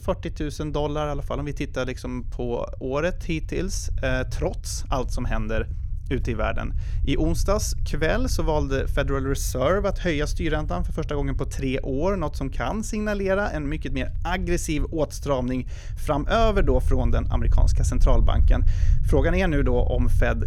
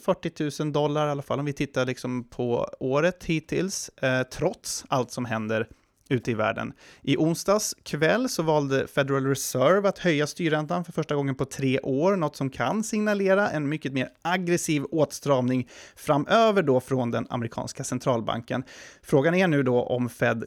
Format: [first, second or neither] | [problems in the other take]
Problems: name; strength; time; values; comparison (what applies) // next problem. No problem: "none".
second | low rumble; faint; throughout; 20 dB below the speech